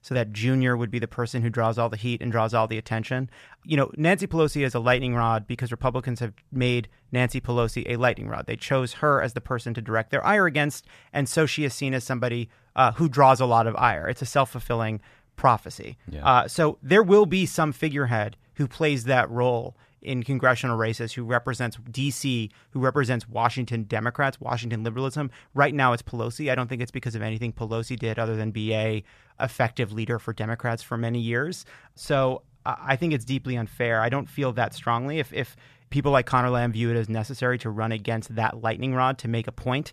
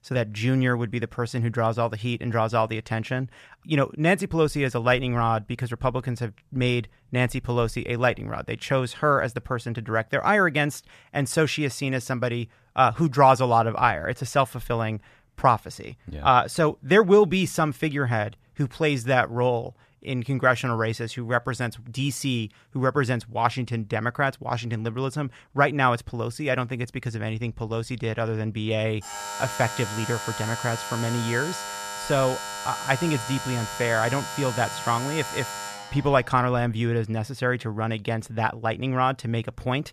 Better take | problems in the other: first | alarm; noticeable; from 29 to 36 s; peak 7 dB below the speech

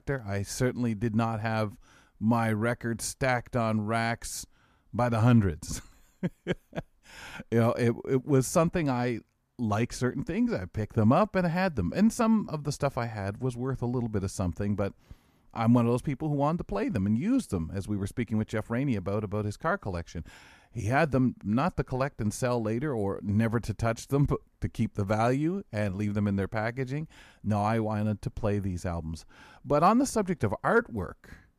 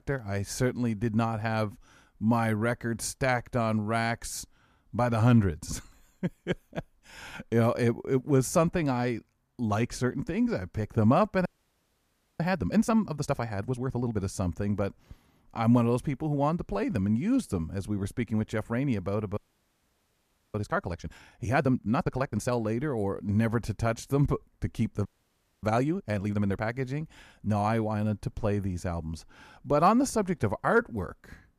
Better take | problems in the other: first | audio freezing; at 11 s for 1 s, at 19 s for 1 s and at 25 s for 0.5 s

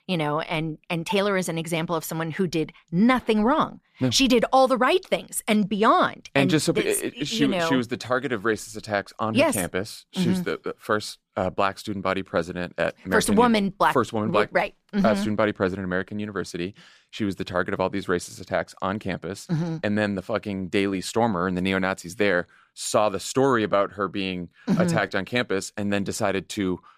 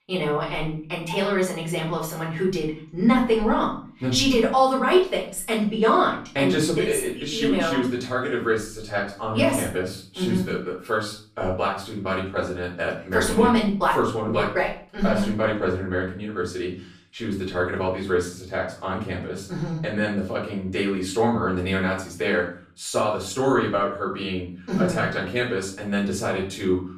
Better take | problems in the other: first | room echo; slight; dies away in 0.4 s // off-mic speech; far

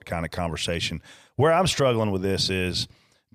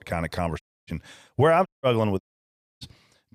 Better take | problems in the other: first | audio cutting out; at 0.5 s, at 1.5 s and at 2 s for 0.5 s

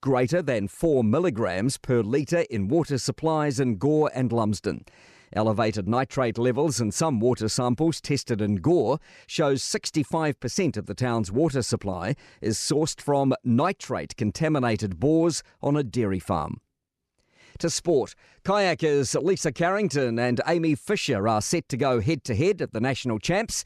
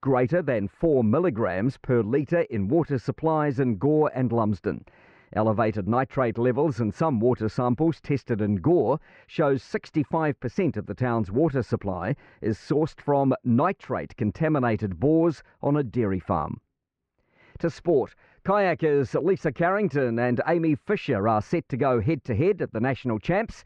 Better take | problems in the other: first | muffled; very; fading above 1.5 kHz

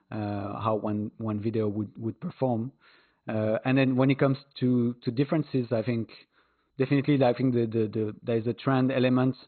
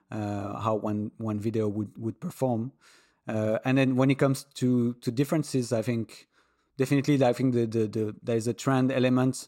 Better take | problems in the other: second | garbled, watery; badly; nothing above 4 kHz

